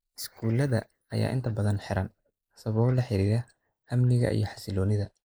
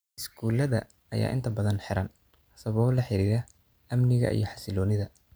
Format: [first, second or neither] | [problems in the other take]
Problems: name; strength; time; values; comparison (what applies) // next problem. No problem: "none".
second | noise reduction (neural mask model Resemble Enhance denoiser)